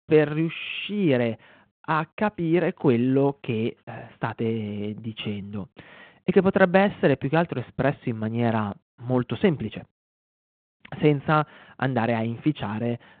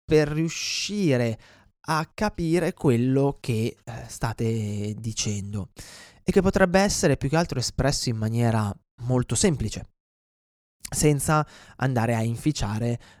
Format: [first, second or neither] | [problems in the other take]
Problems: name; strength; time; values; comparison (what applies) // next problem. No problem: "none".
second | phone-call audio